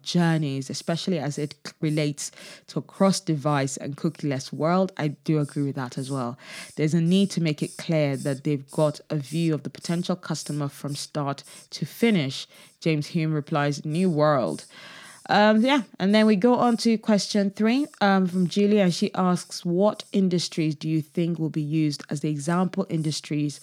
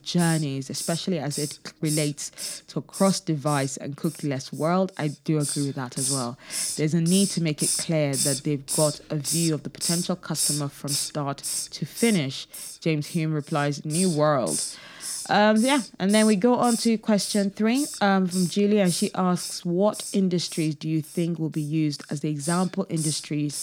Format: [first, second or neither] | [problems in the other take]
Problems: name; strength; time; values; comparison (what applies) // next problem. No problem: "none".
first | hiss; loud; throughout; 5 dB below the speech; faint in the first